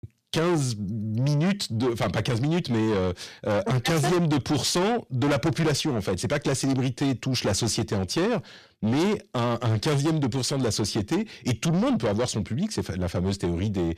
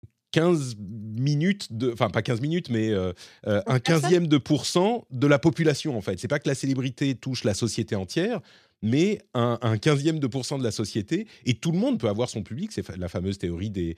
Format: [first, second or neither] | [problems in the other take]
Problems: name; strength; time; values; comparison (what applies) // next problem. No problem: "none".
second | distortion; heavy; 6 dB below the speech